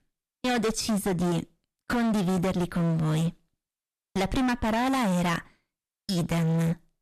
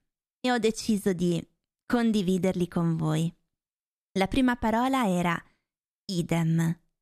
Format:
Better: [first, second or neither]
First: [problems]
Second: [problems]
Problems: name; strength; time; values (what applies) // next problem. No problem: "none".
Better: second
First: distortion; heavy; 28% of the sound clipped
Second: none